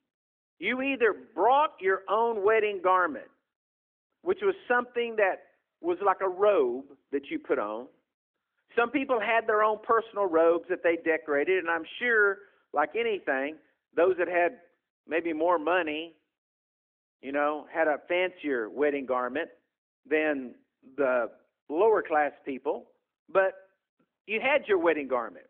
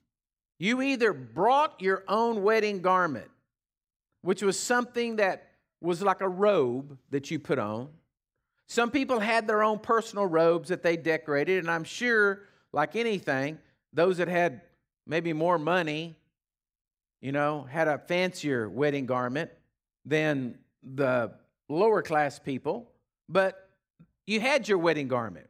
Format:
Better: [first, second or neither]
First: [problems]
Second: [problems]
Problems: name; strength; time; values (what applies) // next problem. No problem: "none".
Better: second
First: phone-call audio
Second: none